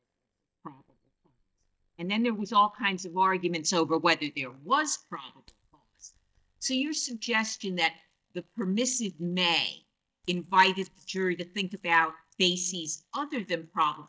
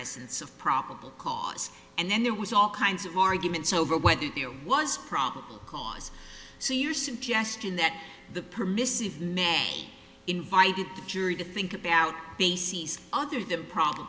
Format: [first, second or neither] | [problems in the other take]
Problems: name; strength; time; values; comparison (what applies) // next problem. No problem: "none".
second | noise reduction (neural mask model DeepFilterNet 3)